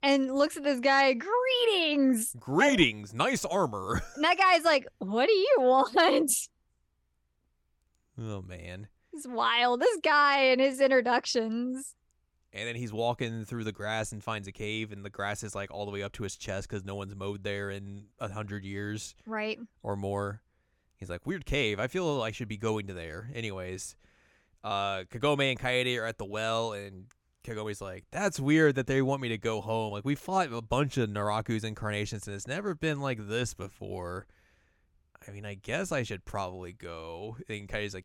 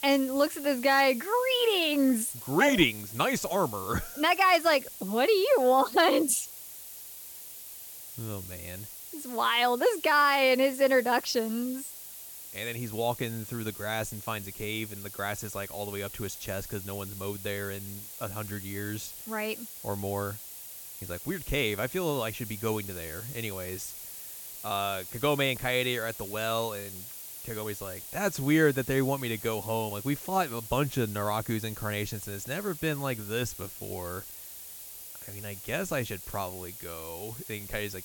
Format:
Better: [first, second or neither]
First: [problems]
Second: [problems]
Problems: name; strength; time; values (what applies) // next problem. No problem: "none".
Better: first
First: none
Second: hiss; noticeable; throughout; 10 dB below the speech